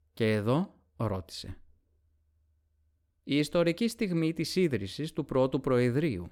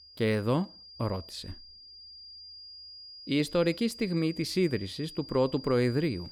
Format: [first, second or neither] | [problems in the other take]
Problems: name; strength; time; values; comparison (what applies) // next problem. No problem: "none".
first | high-pitched whine; noticeable; throughout; 5 kHz, 15 dB below the speech